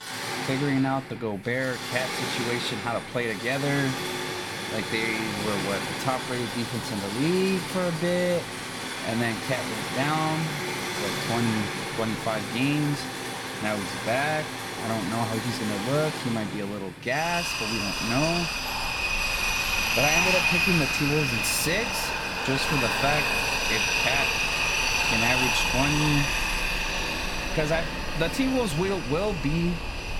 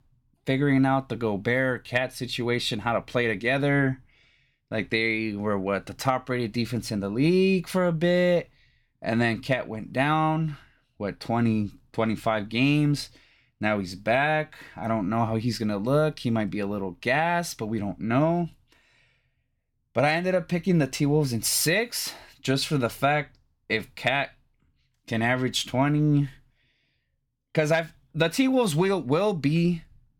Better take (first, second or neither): second